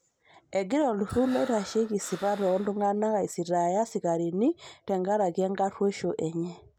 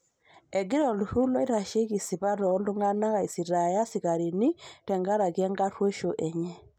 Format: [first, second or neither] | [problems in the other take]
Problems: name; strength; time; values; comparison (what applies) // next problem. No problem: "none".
second | background sound (Breathing); 17 dB below the speech